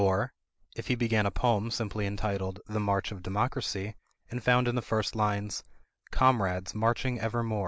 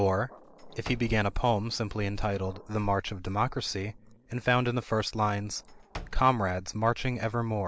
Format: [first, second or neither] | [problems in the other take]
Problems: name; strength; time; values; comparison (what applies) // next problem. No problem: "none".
first | background sound (Growling + Slam / Wood); 16 dB below the speech